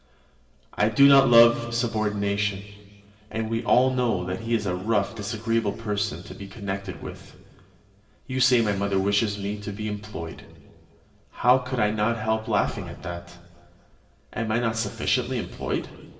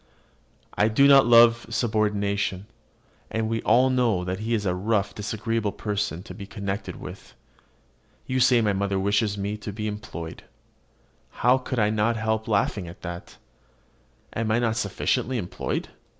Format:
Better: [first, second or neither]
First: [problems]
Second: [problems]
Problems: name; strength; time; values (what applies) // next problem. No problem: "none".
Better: second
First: room echo; dies away in 2 s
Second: none